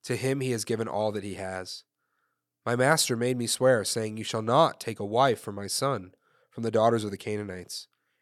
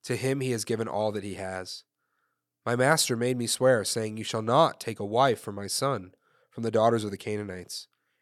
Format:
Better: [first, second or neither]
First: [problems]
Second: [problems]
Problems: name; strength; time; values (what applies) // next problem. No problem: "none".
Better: neither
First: none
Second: none